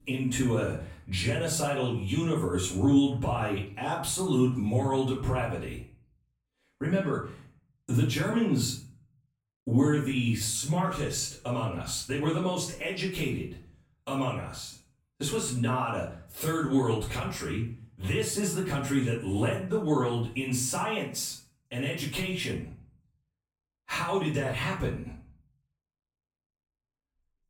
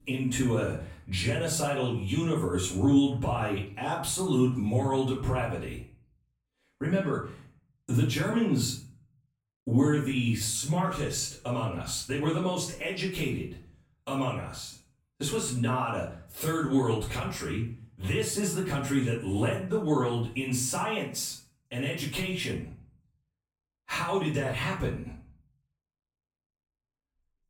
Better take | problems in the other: neither | room echo; noticeable; dies away in 0.4 s; the same in both // off-mic speech; far; the same in both

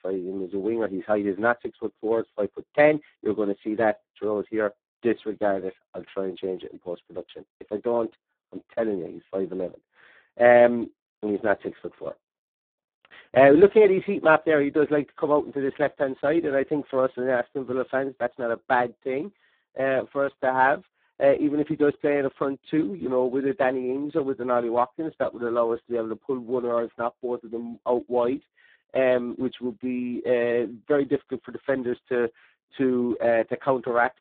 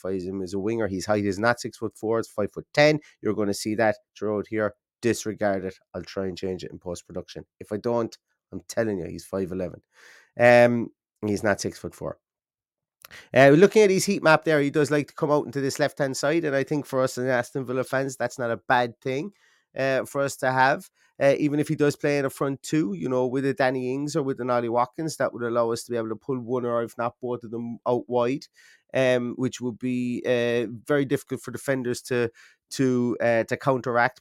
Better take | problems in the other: second | phone-call audio; poor line; nothing above 4 kHz

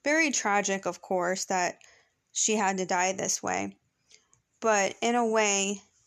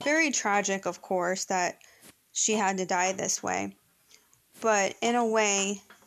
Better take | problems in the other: first | hiss; faint; throughout; 25 dB below the speech

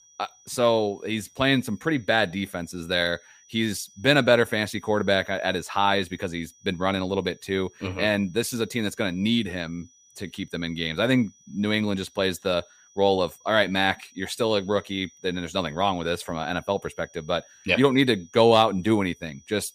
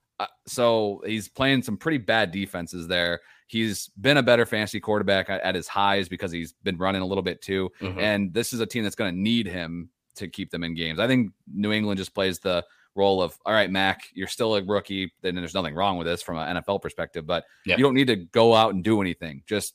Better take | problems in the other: second | high-pitched whine; faint; throughout; 6 kHz, 30 dB below the speech

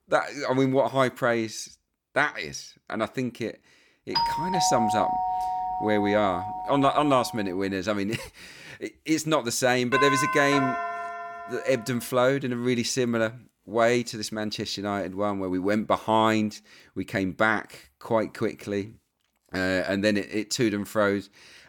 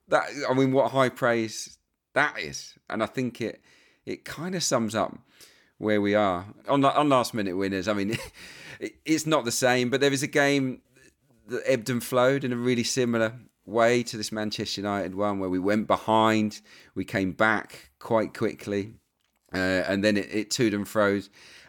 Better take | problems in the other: second | doorbell; loud; from 4 to 7.5 s and from 10 to 12 s; peak 2 dB above the speech

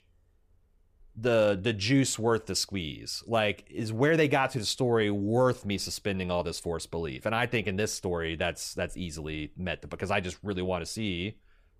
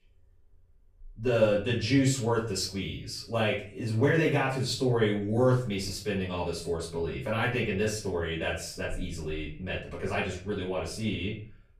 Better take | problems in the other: first | off-mic speech; far // room echo; slight; dies away in 0.4 s

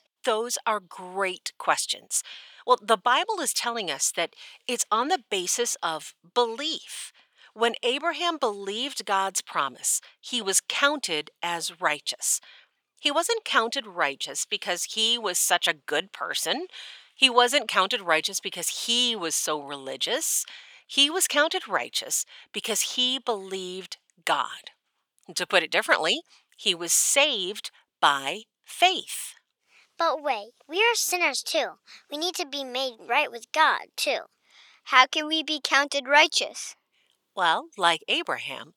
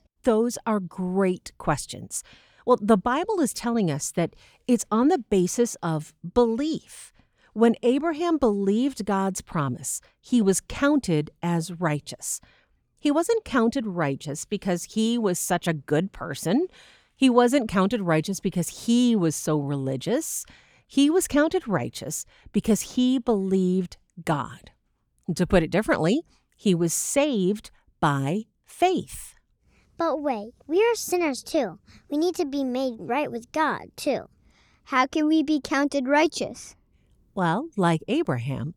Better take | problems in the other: second | thin; very; fading below 800 Hz

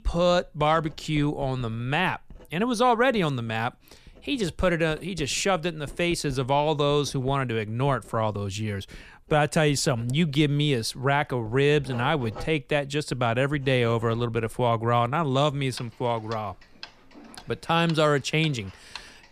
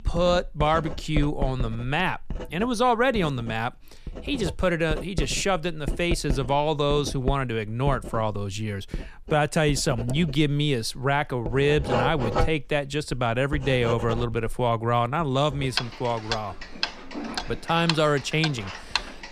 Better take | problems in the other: first | household noises; loud; throughout; 8 dB below the speech; faint in the first

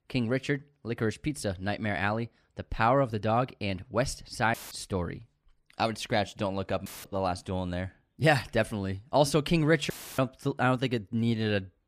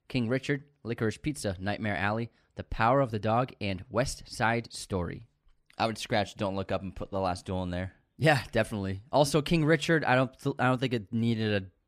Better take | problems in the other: second | audio cutting out; filled with static; at 4.5 s, at 7 s and at 10 s

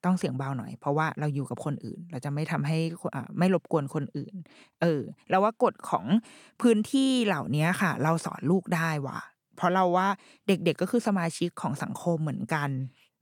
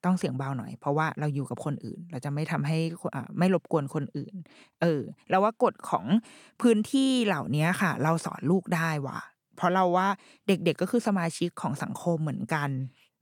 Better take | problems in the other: neither | none

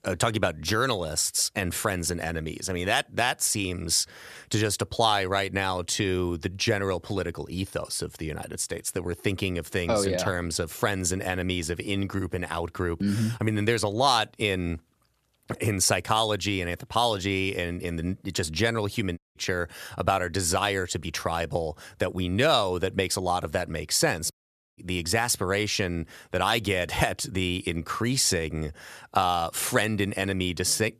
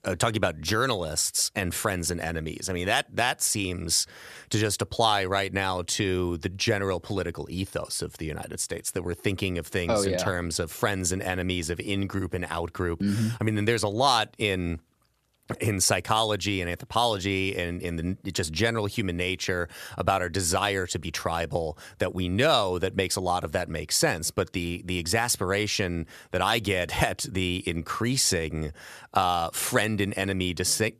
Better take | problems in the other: second | audio cutting out; at 19 s and at 24 s

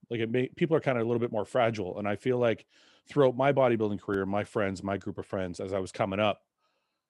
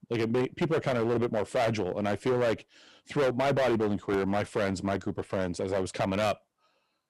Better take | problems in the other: first | distortion; heavy; 13% of the sound clipped

